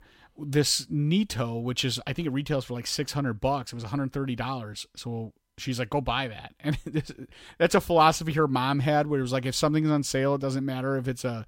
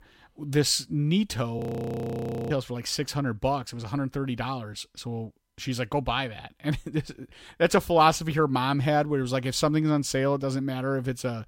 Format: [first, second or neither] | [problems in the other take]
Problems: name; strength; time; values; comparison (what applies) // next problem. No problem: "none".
first | audio freezing; at 1.5 s for 1 s